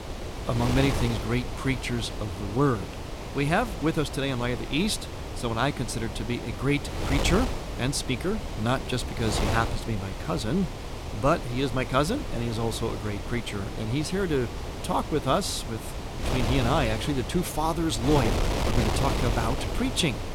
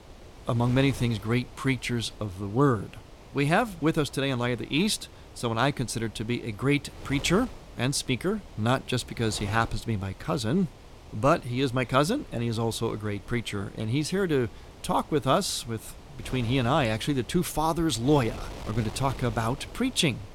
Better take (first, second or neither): second